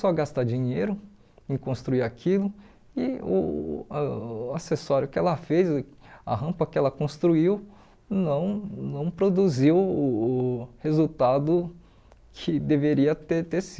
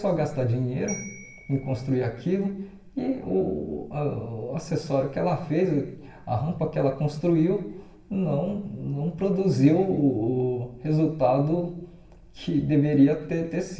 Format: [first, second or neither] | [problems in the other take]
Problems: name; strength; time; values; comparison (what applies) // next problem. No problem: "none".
first | background sound (Bell); 18 dB below the speech // room echo; dies away in 0.9 s